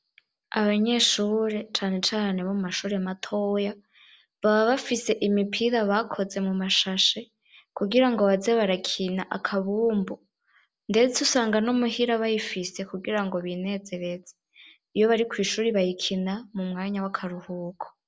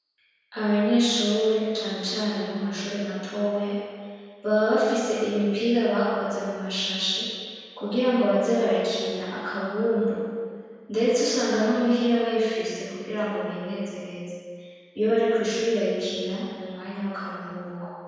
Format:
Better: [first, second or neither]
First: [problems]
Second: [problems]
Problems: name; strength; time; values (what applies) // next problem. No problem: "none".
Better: first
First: none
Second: room echo; dies away in 1.8 s